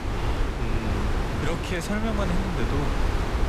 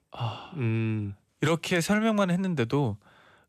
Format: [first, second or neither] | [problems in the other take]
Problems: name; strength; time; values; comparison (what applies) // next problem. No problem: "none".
second | wind noise on the microphone; heavy; 2 dB above the speech